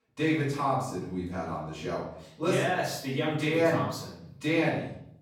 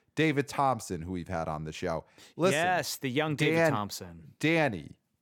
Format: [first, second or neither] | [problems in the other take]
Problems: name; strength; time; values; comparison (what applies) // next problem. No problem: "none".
second | off-mic speech; far // room echo; noticeable; dies away in 0.6 s